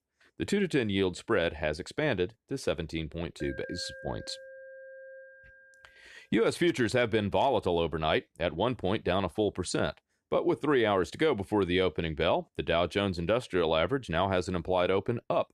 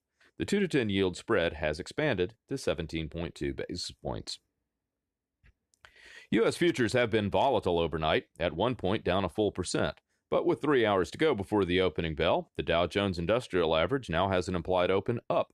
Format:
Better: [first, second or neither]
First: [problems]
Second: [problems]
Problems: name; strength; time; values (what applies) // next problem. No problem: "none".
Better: second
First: alarm; faint; from 3.5 to 6 s; peak 15 dB below the speech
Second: none